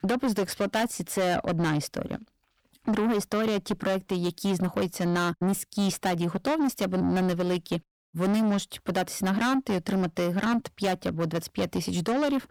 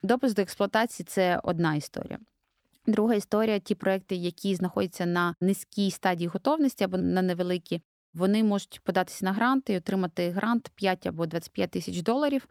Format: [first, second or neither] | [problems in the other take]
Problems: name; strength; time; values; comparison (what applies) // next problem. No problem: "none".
second | distortion; heavy; 7 dB below the speech